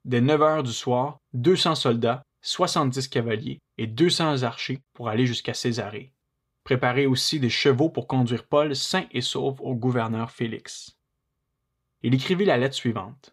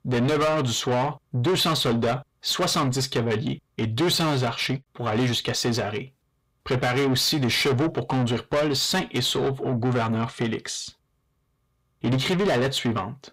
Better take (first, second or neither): first